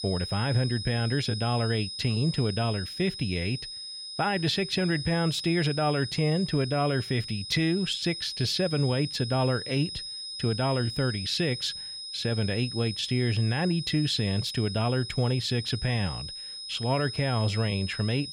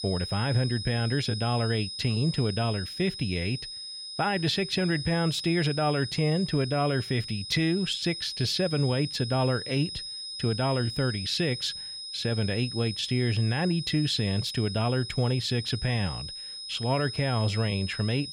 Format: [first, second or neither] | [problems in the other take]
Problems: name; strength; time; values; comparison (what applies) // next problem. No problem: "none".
neither | high-pitched whine; loud; throughout; 5 kHz, 8 dB below the speech; the same in both